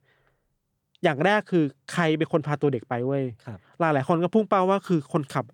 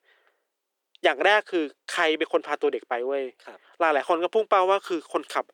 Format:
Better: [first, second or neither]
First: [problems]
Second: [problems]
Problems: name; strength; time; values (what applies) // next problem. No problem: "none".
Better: first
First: none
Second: thin; very; fading below 350 Hz